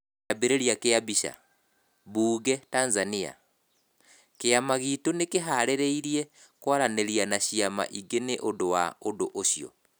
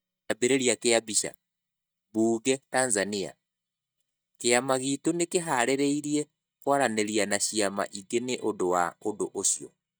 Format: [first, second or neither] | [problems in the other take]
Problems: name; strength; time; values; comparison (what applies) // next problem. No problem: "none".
first | noise reduction (neural mask model DeepFilterNet 3)